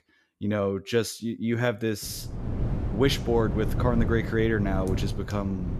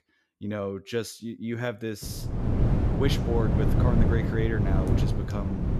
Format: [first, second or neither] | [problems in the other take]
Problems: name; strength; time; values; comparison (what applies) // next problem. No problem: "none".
first | wind noise on the microphone; heavy; from 2 s on; 1 dB below the speech; occasional gusts in the first